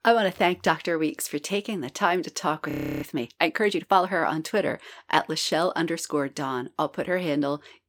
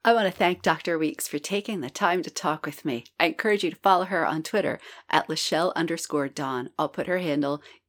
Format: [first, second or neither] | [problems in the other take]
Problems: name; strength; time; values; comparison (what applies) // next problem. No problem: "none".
second | audio freezing; at 2.5 s